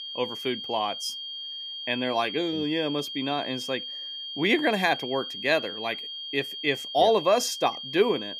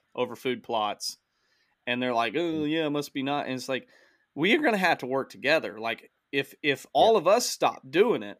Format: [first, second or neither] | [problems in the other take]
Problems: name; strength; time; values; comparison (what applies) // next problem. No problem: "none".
second | high-pitched whine; loud; throughout; 3 kHz, 7 dB below the speech